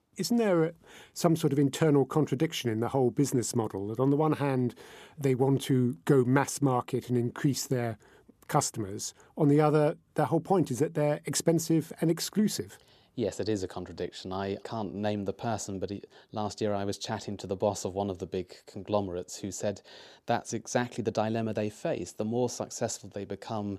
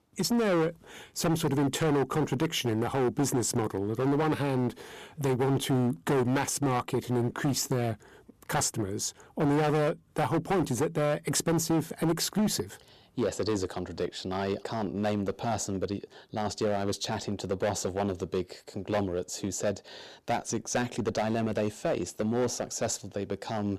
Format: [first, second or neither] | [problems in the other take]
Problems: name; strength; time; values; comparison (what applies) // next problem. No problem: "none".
first | distortion; heavy; 12% of the sound clipped